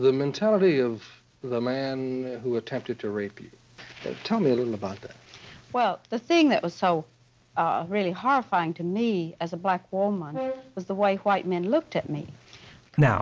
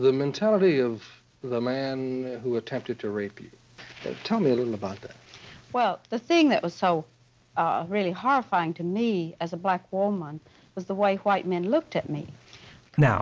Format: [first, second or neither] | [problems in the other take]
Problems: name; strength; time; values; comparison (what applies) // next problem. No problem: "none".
second | background sound (Brass instrument); 12 dB below the speech